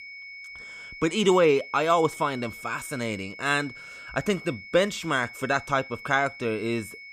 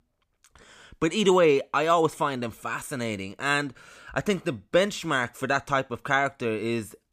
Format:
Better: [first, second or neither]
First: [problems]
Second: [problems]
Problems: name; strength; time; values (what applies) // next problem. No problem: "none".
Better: second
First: high-pitched whine; noticeable; throughout; 2 kHz, 15 dB below the speech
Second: none